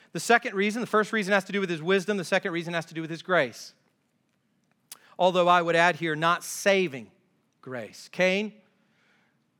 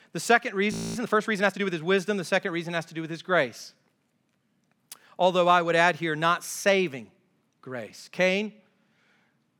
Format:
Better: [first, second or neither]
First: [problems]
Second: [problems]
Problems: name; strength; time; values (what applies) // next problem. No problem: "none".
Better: first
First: none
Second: audio freezing; at 0.5 s